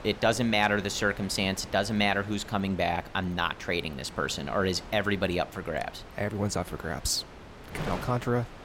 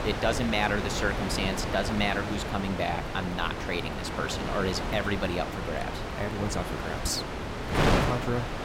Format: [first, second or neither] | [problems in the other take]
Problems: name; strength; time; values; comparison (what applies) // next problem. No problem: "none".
first | wind noise on the microphone; heavy; 1 dB below the speech; occasional gusts in the first